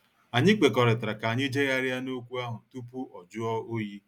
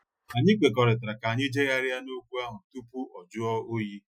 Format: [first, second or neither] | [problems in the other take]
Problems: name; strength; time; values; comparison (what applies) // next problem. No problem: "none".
first | noise reduction (classical method Wiener filter)